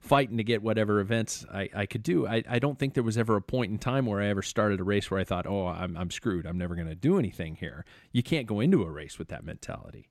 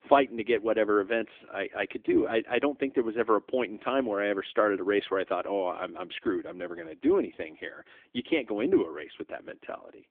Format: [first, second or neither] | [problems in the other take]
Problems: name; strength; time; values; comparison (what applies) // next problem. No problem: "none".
first | phone-call audio; nothing above 3.5 kHz